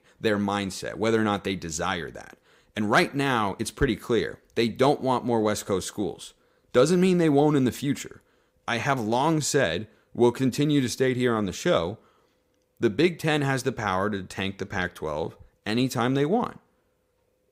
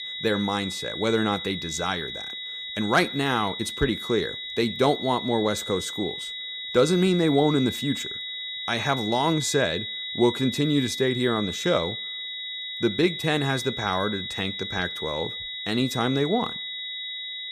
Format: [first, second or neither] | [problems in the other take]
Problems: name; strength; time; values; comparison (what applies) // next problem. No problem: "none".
first | high-pitched whine; loud; throughout; 4 kHz, 6 dB below the speech